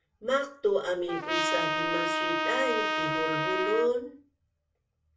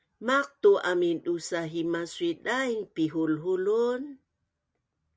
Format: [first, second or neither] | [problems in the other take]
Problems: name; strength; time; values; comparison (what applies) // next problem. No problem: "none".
second | background sound (Trumpet); 2 dB above the speech // room echo; dies away in 0.3 s